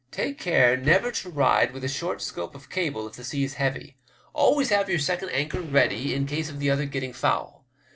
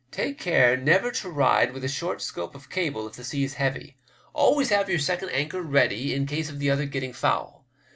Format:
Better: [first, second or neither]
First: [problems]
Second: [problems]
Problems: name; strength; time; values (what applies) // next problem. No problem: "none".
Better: second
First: noise reduction (neural separator model SepFormer DNS4)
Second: none